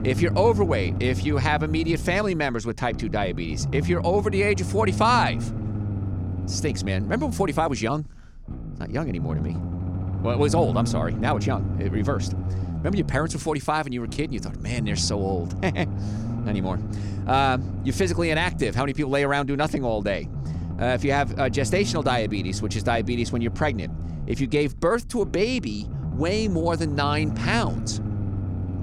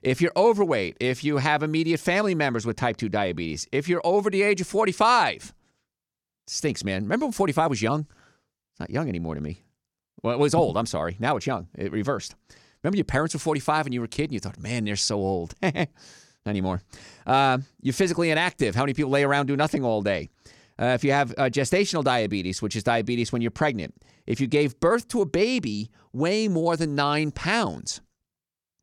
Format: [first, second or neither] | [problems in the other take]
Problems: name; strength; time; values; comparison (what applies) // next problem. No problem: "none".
second | low rumble; noticeable; throughout; 15 dB below the speech